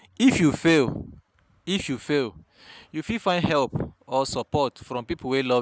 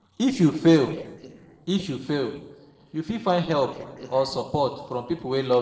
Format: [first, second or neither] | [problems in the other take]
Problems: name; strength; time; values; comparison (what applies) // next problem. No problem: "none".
first | noise reduction (neural separator model SepFormer DNS4)